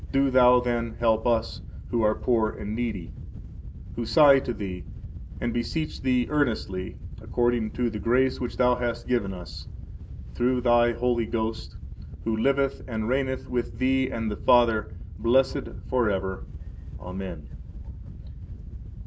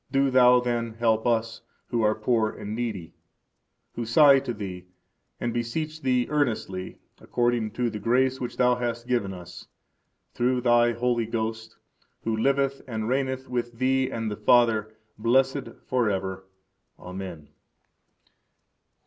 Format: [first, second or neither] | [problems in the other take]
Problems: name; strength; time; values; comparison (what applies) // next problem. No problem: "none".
second | background sound (Wind / Boat, Water vehicle); 10 dB below the speech